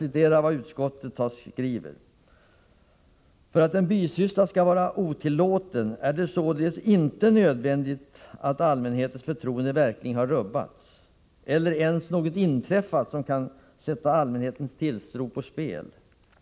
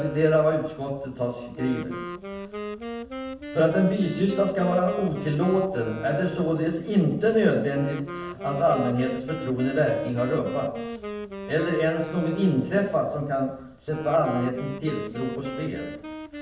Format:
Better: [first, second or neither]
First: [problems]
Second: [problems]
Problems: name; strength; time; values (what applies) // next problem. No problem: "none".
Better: first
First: none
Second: background sound (Wind instrument, woodwind instrument); 11 dB below the speech // room echo; dies away in 0.7 s